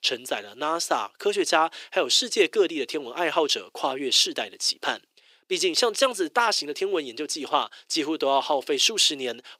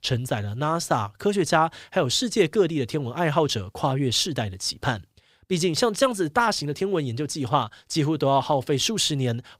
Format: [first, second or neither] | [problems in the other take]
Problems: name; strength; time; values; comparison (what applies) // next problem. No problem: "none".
second | thin; somewhat; fading below 350 Hz